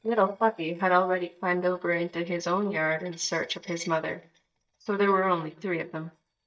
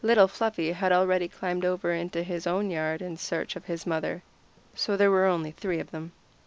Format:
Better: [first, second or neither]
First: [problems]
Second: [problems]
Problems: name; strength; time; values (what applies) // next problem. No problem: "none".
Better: second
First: noise reduction (neural mask model DeepFilterNet 3)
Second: none